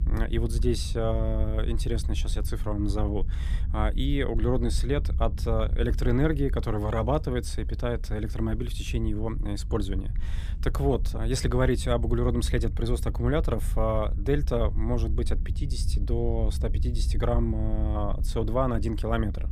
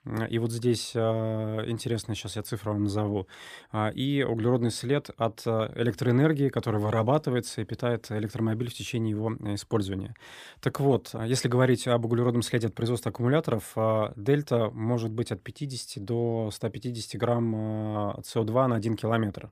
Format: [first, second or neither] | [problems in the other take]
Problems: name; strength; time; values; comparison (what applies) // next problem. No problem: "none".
second | low rumble; noticeable; throughout; 20 dB below the speech